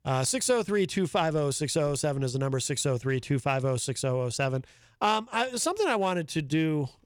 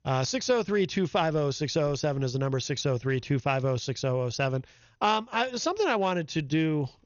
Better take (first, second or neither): first